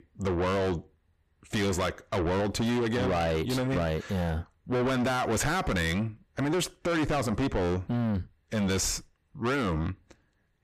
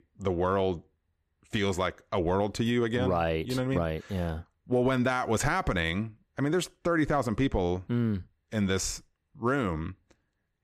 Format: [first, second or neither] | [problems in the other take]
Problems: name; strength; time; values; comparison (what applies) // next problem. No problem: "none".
second | distortion; heavy; 7 dB below the speech